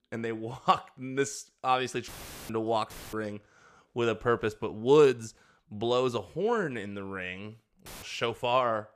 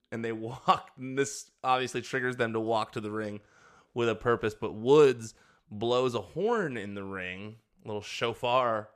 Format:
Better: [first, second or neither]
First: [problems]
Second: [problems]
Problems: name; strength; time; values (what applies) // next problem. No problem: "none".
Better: second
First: audio cutting out; filled with static; at 2 s, at 3 s and at 8 s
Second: none